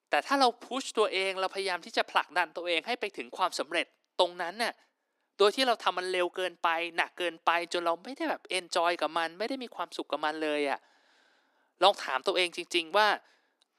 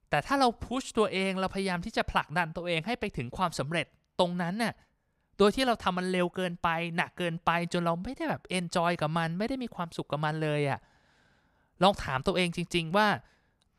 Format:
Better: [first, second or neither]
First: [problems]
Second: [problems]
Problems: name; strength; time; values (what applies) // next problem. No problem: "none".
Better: second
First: thin; somewhat; fading below 300 Hz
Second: none